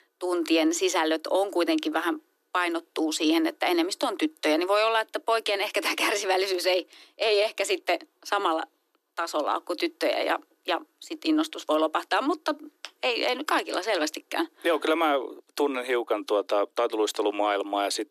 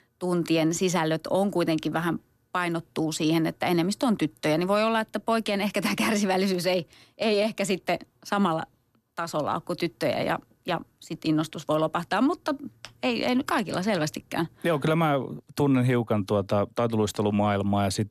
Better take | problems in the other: second | thin; very; fading below 300 Hz

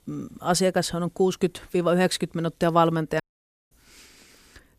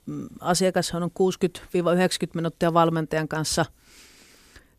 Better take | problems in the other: second | audio cutting out; at 3 s for 0.5 s

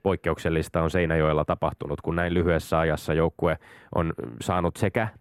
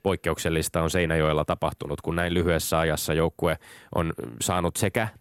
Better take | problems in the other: second | muffled; slightly; fading above 3 kHz

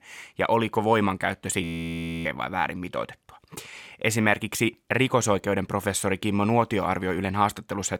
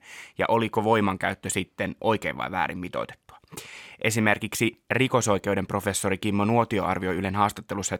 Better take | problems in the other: second | audio freezing; at 1.5 s for 0.5 s

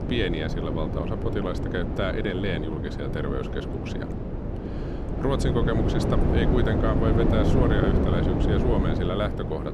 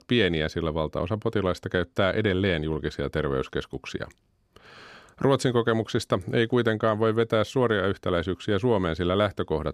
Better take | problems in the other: second | wind noise on the microphone; heavy; 2 dB below the speech

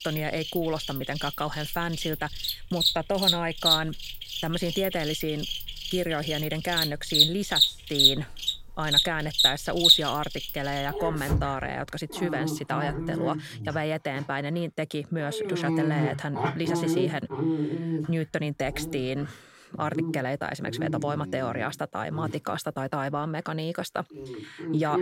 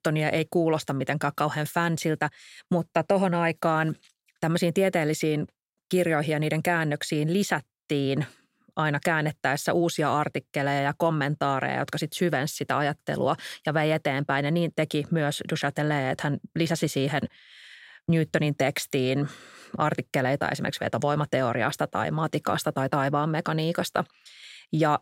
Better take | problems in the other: second | animal sounds; very loud; throughout; 4 dB above the speech

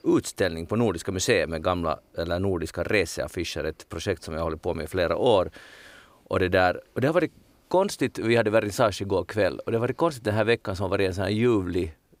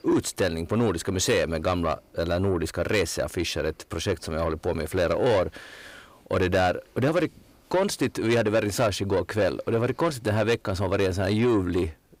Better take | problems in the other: first | distortion; slight; 10 dB below the speech

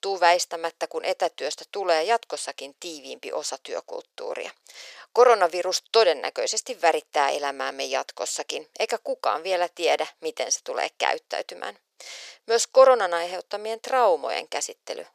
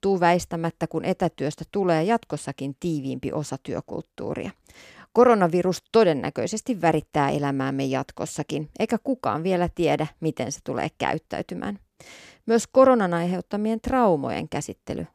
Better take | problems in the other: second | thin; very; fading below 500 Hz

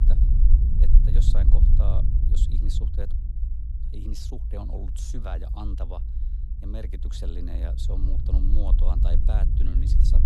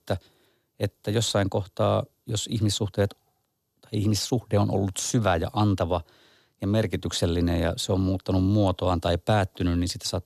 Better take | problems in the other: second | low rumble; loud; throughout; 2 dB below the speech

